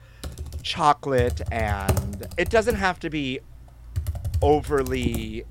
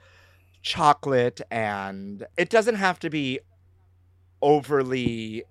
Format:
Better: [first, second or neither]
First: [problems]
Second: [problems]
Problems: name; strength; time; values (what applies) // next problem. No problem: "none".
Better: second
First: keyboard typing; noticeable; peak 1 dB below the speech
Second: none